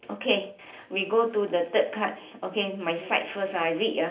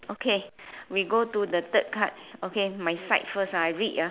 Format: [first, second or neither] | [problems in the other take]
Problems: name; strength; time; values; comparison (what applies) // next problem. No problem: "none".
second | room echo; dies away in 0.3 s